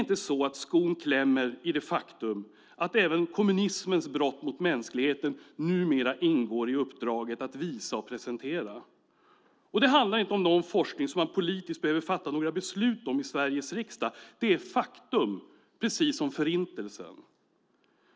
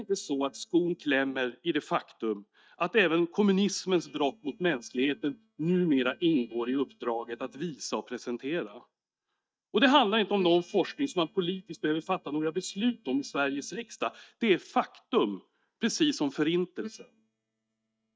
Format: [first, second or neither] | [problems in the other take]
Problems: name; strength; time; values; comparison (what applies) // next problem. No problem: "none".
first | noise reduction (neural mask model DeepFilterNet 3)